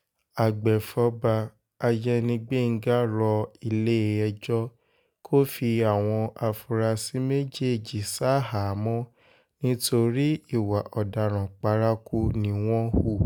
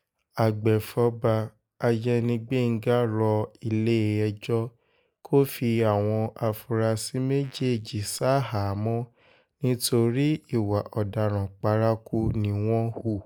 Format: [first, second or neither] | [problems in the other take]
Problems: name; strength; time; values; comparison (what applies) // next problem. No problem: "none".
first | noise reduction (neural mask model Resemble Enhance denoiser)